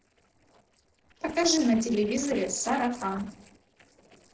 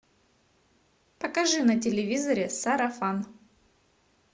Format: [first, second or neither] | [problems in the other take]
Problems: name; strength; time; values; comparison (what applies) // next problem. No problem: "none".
second | noise reduction (neural separator model SepFormer DNS4)